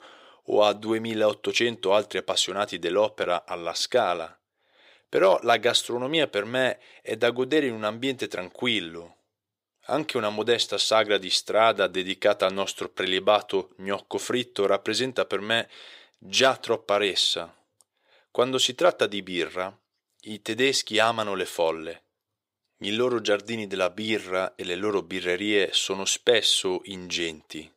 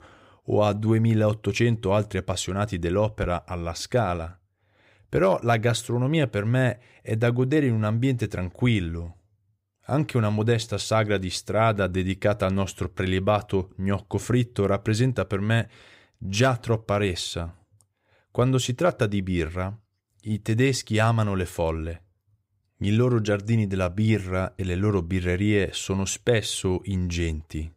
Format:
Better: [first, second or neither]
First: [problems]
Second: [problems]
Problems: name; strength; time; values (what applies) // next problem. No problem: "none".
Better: second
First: thin; somewhat; fading below 450 Hz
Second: none